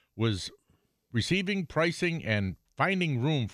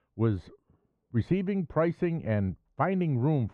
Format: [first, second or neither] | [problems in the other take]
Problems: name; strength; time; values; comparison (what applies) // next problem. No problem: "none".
first | muffled; very; fading above 2 kHz